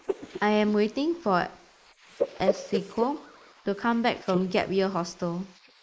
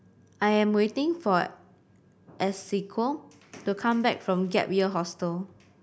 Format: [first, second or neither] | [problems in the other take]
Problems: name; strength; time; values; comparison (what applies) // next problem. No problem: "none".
second | noise reduction (neural mask model Resemble Enhance denoiser)